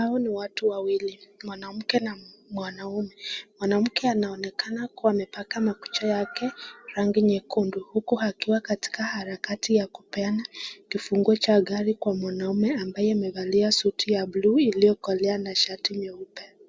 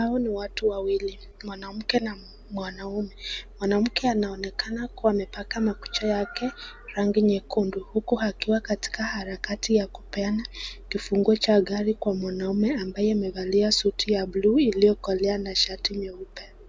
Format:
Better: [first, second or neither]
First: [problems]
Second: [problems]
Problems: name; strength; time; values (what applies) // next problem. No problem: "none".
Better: first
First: none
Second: background sound (Mechanisms); 19 dB below the speech